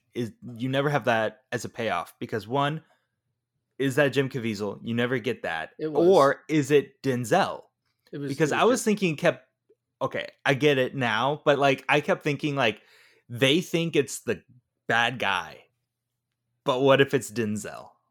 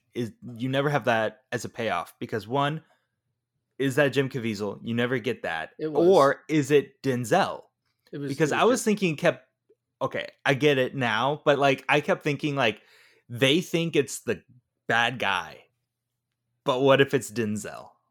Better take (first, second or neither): neither